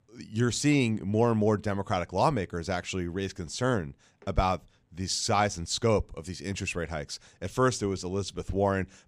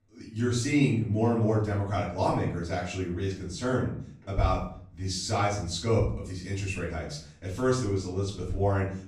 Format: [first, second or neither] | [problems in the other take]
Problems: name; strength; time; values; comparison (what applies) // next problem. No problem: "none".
first | room echo; noticeable; dies away in 0.5 s // off-mic speech; far